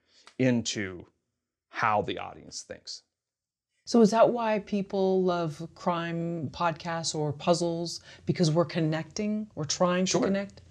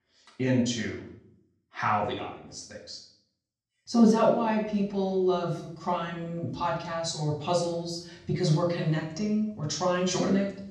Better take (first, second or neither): first